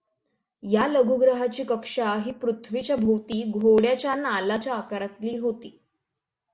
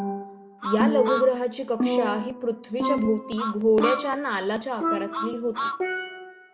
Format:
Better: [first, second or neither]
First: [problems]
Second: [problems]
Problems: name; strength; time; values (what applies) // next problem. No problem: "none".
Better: first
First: none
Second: background sound (Truck + Percussion); 3 dB below the speech